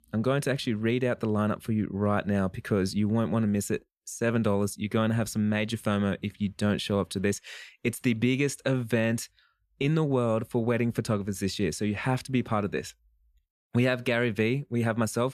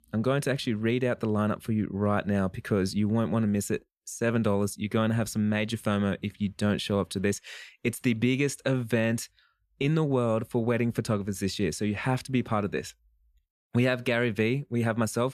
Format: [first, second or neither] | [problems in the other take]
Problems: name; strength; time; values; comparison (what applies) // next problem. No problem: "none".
neither | none